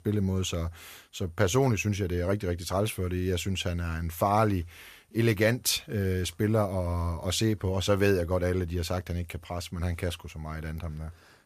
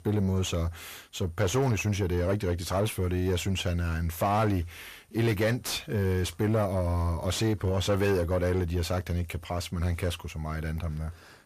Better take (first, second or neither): first